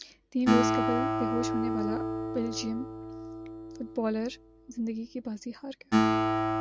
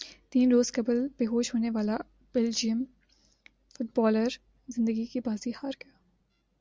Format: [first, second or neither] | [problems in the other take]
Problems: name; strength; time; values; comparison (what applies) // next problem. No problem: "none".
second | background sound (Acoustic guitar); 3 dB above the speech